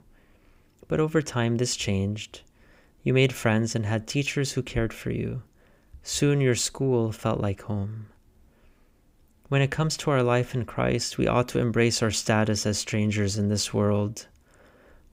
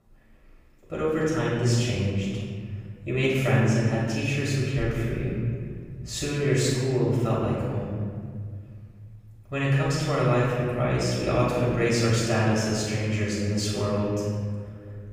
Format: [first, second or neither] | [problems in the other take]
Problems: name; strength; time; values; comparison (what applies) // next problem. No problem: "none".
first | off-mic speech; far // room echo; strong; dies away in 2.1 s